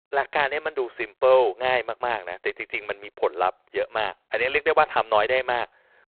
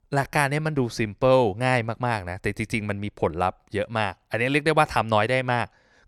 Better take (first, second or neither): second